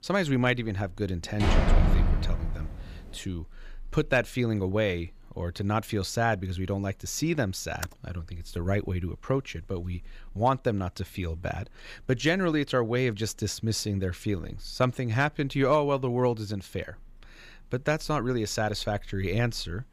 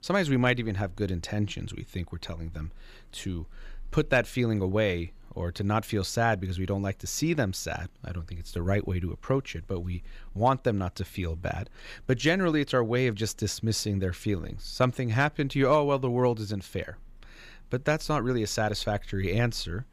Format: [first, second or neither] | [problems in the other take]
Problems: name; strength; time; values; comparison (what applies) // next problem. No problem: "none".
second | door banging; loud; from 1.5 to 3 s; peak 5 dB above the speech // keyboard typing; very faint; at 8 s; peak 10 dB below the speech